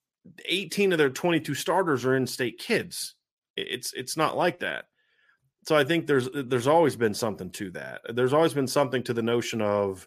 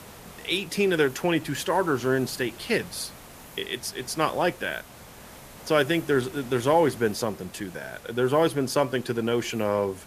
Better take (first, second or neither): first